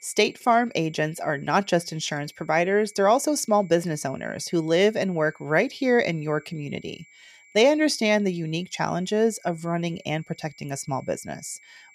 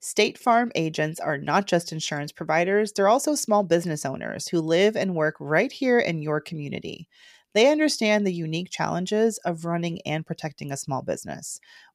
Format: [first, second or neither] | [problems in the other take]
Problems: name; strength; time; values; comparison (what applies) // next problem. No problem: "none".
second | high-pitched whine; faint; throughout; 2.5 kHz, 30 dB below the speech